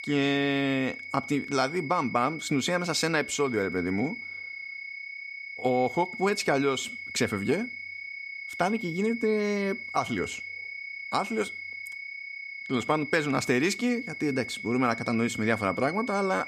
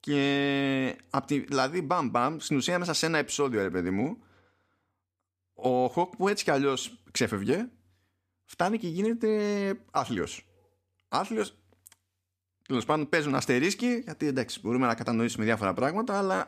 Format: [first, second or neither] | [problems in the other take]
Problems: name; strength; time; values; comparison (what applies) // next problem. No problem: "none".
second | high-pitched whine; loud; throughout; 2 kHz, 9 dB below the speech